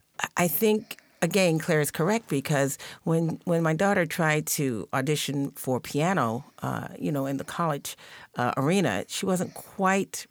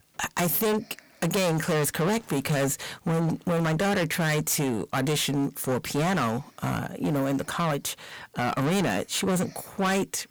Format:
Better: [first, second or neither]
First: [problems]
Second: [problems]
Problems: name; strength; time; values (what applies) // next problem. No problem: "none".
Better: first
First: none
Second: distortion; heavy; 21% of the sound clipped